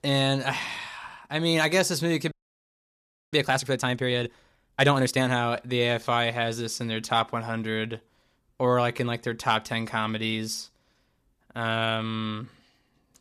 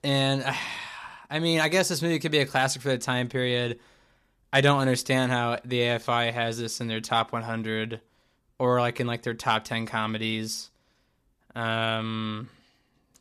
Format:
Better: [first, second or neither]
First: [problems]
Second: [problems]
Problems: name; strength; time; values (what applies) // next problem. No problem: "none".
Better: second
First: audio freezing; at 2.5 s for 1 s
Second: none